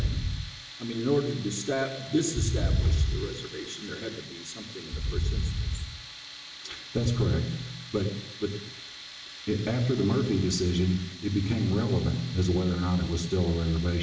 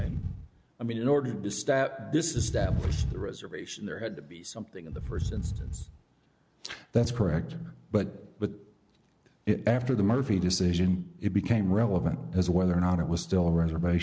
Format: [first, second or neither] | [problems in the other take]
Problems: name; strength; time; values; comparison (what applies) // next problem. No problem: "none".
second | background sound (Tools); 15 dB below the speech // room echo; dies away in 0.8 s